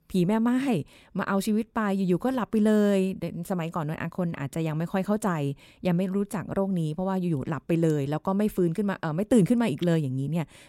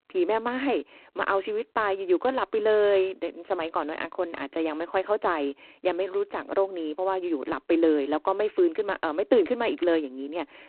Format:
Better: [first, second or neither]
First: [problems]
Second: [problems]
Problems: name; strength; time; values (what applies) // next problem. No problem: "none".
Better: first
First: none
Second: phone-call audio; poor line; nothing above 4 kHz